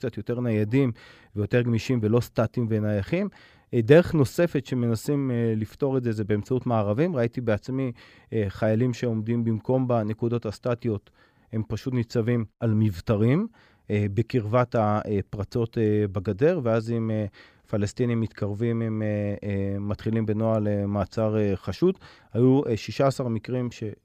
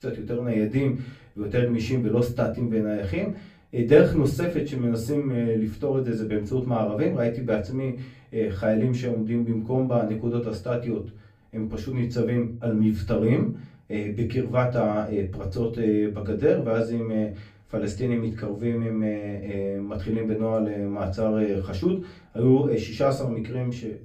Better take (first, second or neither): first